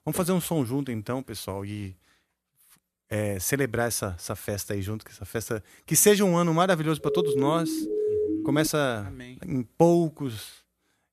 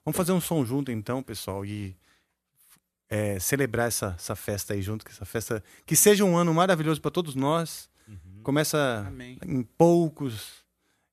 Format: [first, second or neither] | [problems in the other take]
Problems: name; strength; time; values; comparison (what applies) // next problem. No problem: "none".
second | siren; noticeable; from 7 to 8.5 s; peak level with the speech